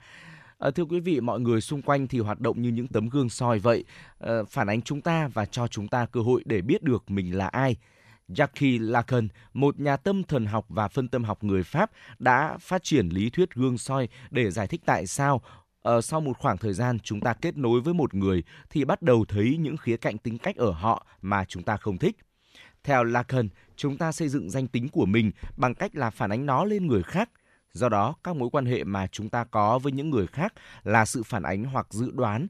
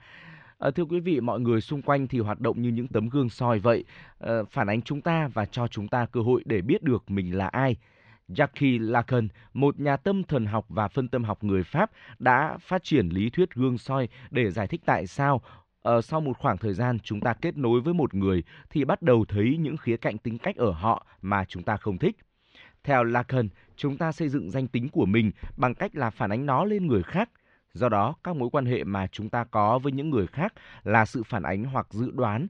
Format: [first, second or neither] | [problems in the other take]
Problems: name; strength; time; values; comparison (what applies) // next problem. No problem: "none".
first | muffled; slightly; fading above 4 kHz